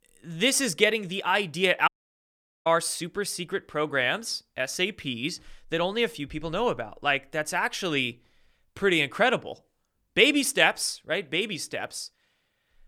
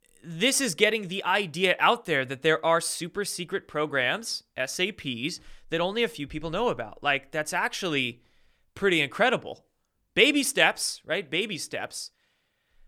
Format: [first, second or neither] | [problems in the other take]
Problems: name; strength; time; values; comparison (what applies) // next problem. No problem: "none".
second | audio cutting out; at 2 s for 1 s